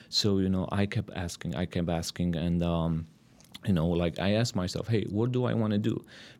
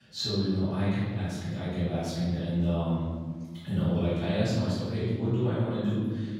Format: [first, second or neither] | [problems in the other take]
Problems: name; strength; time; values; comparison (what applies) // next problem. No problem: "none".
first | room echo; strong; dies away in 1.6 s // off-mic speech; far